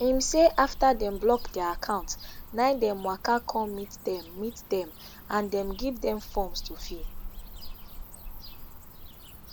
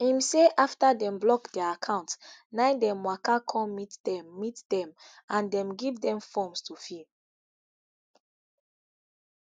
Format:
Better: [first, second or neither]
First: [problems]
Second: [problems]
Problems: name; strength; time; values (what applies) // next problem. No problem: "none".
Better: second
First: background sound (Cricket / Bird); 10 dB below the speech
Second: none